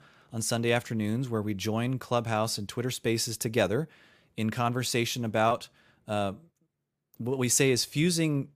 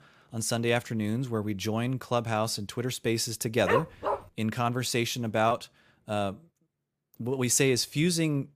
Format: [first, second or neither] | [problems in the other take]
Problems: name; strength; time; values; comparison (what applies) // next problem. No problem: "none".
first | dog barking; noticeable; at 3.5 s; peak level with the speech